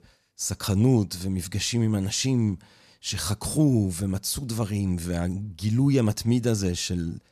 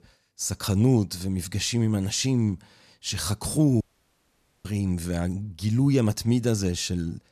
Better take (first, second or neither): first